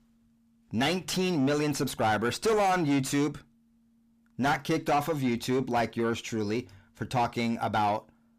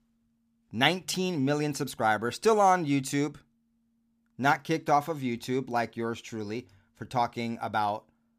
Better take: second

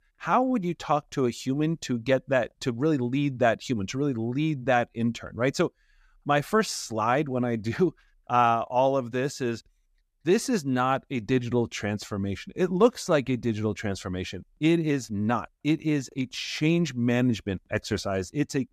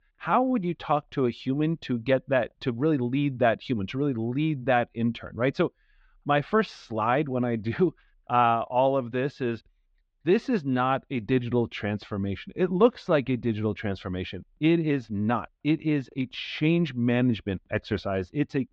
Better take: first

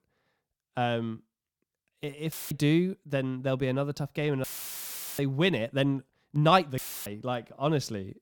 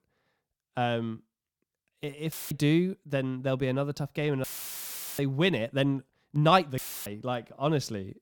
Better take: neither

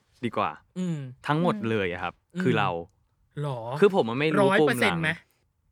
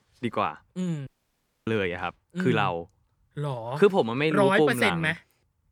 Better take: first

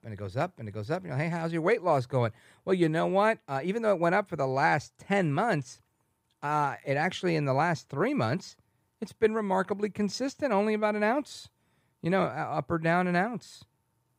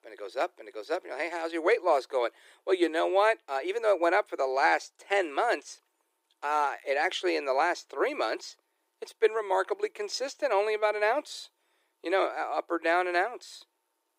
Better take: first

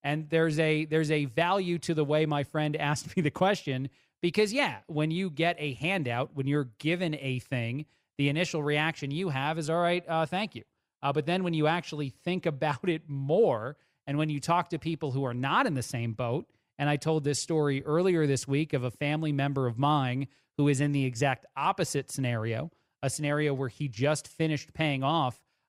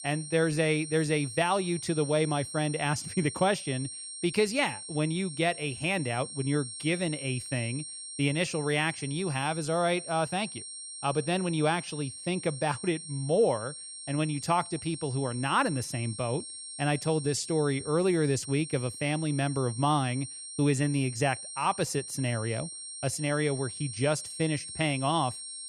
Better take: first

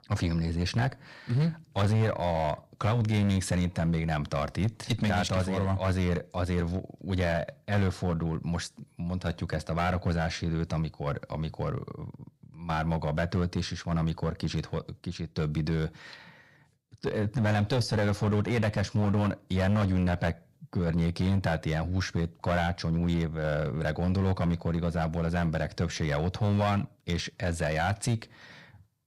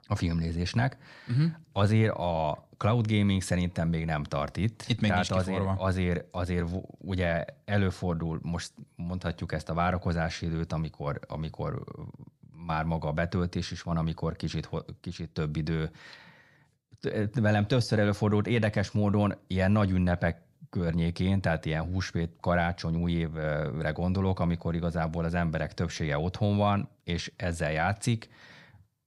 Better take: second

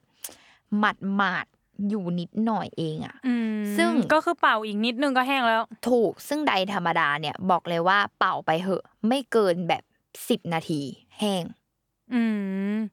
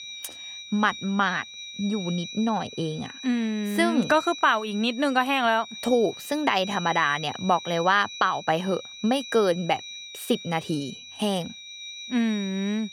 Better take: first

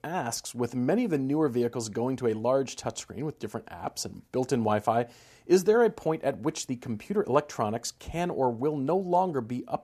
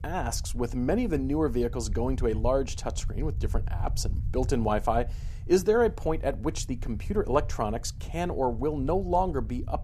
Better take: first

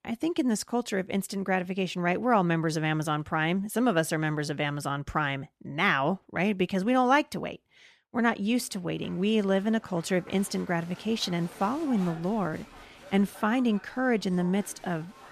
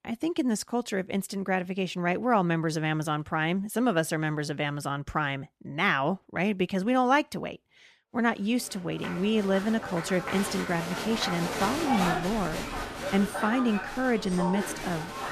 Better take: first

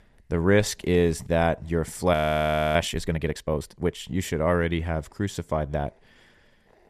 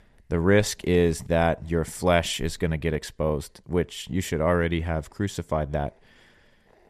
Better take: second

